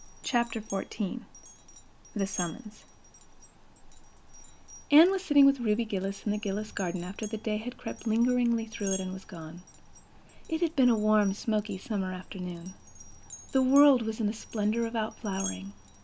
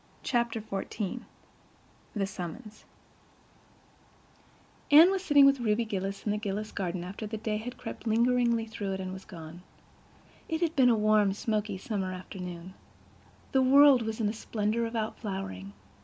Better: second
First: background sound (Glass); 17 dB below the speech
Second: none

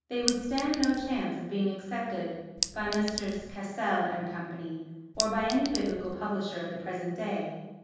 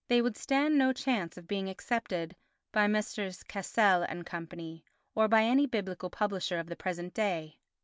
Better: second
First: background sound (Chink, clink); 5 dB below the speech // room echo; dies away in 1.3 s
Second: none

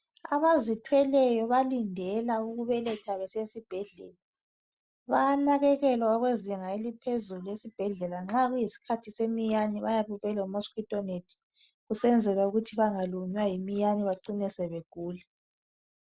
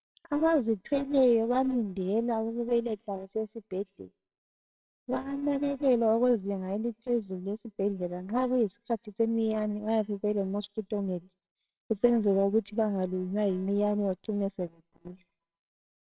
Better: first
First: none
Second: noise reduction (neural separator model SepFormer WHAMR!)

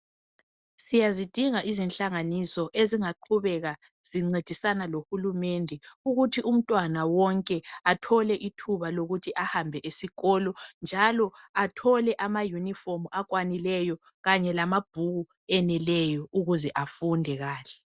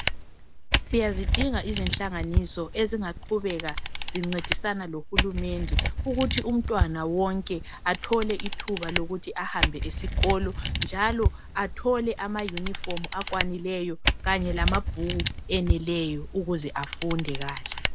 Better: first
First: none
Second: background sound (Camera); as loud as the speech

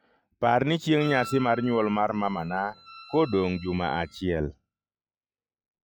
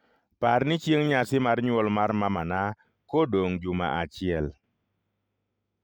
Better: second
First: noise reduction (classical method log-MMSE)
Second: none

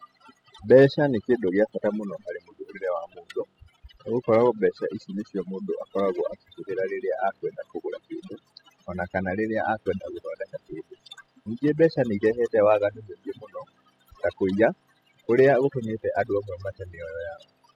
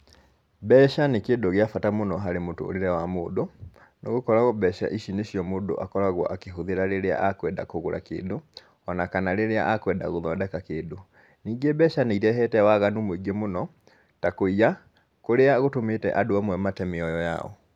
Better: second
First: noise reduction (classical method spectral subtraction)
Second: none

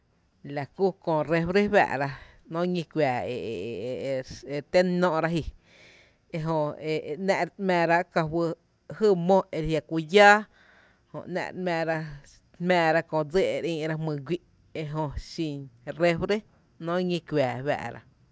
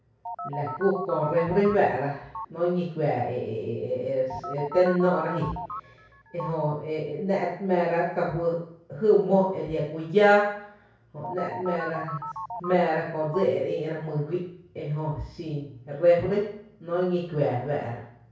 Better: first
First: none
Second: background sound (Telephone); 10 dB below the speech // room echo; dies away in 0.6 s

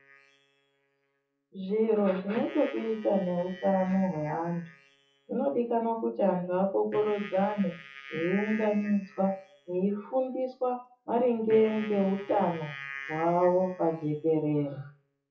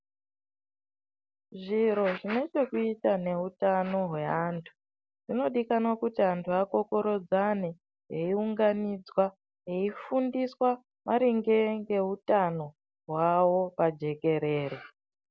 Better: second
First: noise reduction (classical method WPE with log-MMSE)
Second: none

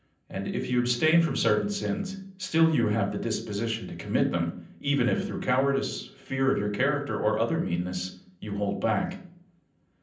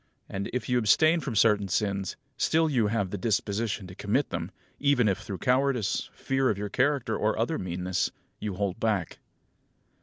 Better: second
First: room echo; dies away in 0.6 s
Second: none

